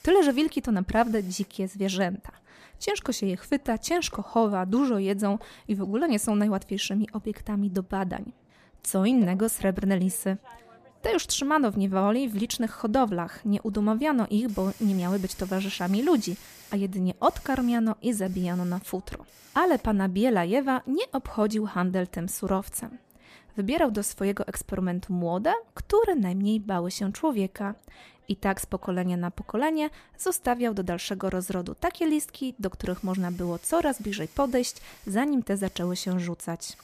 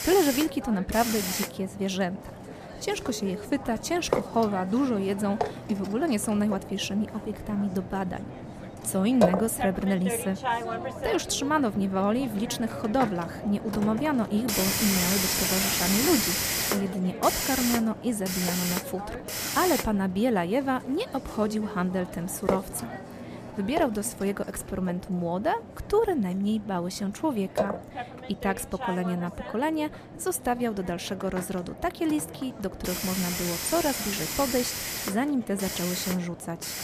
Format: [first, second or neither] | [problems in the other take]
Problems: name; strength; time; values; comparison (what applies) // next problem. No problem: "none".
first | hiss; loud; throughout; 3 dB below the speech; faint in the first